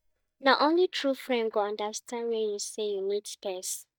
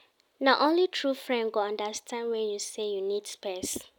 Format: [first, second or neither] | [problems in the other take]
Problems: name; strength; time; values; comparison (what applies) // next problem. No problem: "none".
second | noise reduction (neural mask model DeepFilterNet 3)